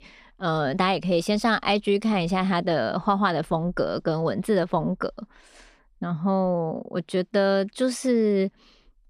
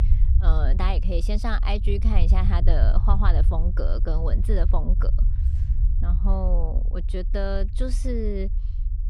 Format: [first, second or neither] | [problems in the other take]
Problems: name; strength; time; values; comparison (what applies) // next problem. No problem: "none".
first | low rumble; noticeable; throughout; 10 dB below the speech